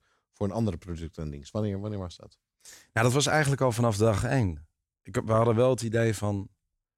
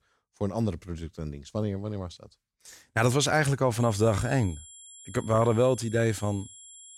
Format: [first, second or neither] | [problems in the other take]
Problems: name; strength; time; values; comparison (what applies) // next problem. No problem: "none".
first | high-pitched whine; noticeable; from 4 s on; 7.5 kHz, 20 dB below the speech